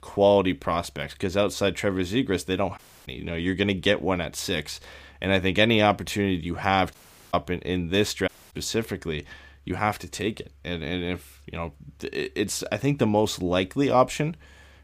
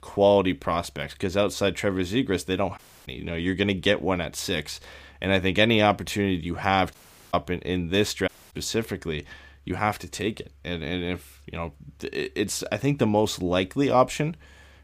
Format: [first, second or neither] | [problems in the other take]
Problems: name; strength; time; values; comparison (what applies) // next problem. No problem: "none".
neither | audio cutting out; at 3 s, at 7 s and at 8.5 s; the same in both